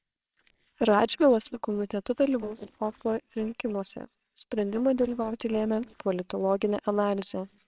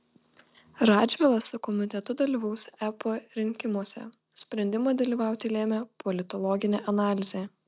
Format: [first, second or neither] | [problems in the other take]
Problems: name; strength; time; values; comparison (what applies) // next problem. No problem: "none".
second | noise reduction (neural separator model SepFormer WHAMR!)